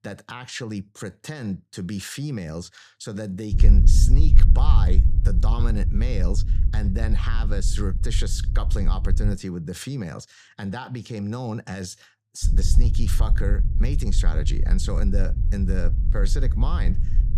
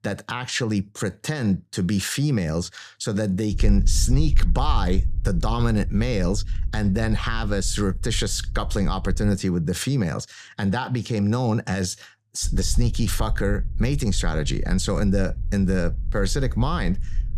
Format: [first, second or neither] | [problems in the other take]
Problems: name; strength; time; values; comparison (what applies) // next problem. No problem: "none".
second | low rumble; loud; from 3.5 to 9.5 s and from 12 s on; 7 dB below the speech; faint in the second